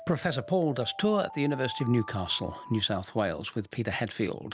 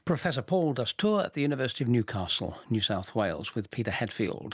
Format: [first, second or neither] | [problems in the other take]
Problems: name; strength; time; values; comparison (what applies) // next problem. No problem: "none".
second | background sound (Alarm); 17 dB below the speech